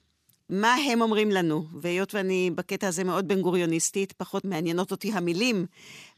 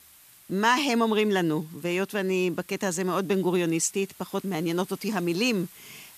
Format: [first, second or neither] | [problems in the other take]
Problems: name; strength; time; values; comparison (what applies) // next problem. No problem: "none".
first | hiss; faint; throughout; 25 dB below the speech